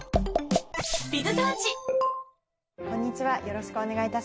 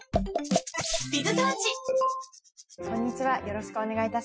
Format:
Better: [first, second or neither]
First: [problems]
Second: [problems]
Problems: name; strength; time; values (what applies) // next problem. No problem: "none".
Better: first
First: none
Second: noise reduction (classical method Wiener filter)